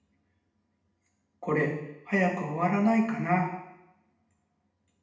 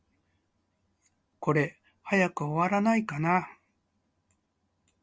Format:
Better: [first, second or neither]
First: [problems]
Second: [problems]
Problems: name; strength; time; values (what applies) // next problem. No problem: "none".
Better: second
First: room echo; dies away in 0.8 s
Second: none